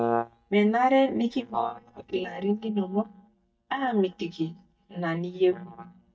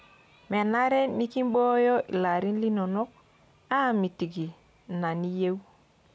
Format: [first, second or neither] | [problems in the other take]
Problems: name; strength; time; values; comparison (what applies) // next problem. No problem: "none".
second | noise reduction (neural mask model DeepFilterNet 3)